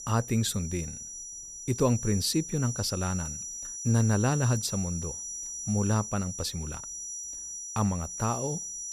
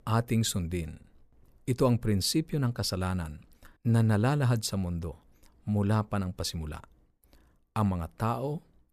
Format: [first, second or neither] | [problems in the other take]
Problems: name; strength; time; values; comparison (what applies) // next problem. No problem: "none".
second | high-pitched whine; loud; throughout; 6 kHz, 7 dB below the speech